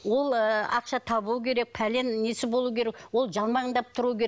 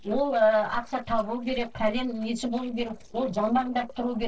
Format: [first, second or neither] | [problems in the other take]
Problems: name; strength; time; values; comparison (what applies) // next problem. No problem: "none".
first | noise reduction (neural separator model SepFormer DNS4)